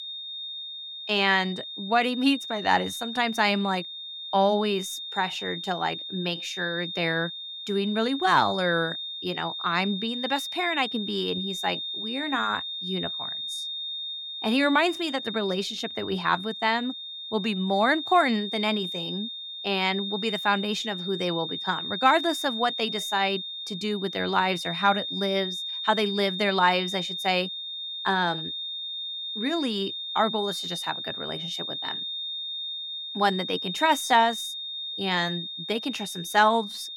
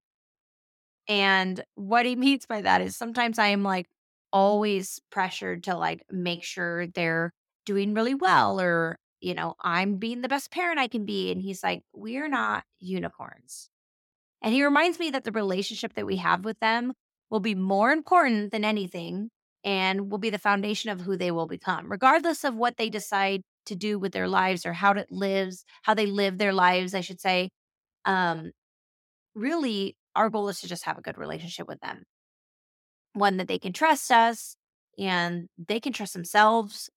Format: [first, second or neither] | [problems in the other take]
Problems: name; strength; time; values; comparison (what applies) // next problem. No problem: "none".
second | high-pitched whine; loud; throughout; 3.5 kHz, 5 dB below the speech